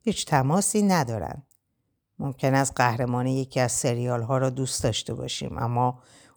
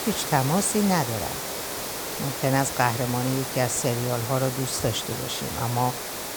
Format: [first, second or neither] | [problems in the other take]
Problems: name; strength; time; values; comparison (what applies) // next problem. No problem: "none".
first | hiss; loud; throughout; 4 dB below the speech